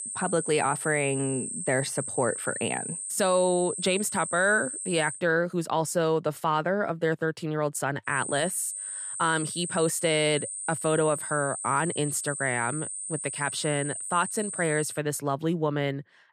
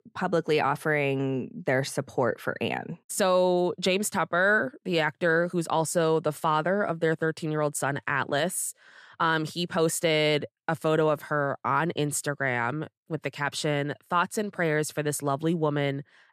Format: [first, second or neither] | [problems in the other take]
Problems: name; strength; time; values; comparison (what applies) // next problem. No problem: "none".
second | high-pitched whine; loud; until 5 s and from 8 to 15 s; 8.5 kHz, 5 dB below the speech